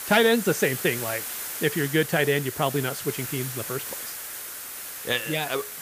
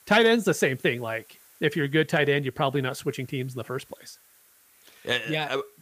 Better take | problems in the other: second | hiss; loud; throughout; 7 dB below the speech; faint in the second

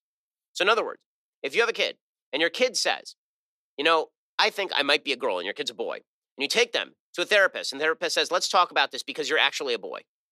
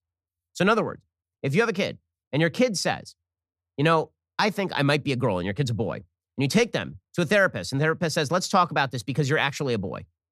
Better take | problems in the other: second | thin; very; fading below 350 Hz

